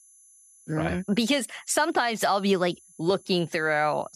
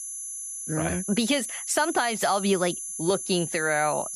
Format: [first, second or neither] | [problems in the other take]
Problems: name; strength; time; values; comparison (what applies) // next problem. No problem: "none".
first | high-pitched whine; loud; throughout; 11 kHz, 6 dB below the speech; faint in the first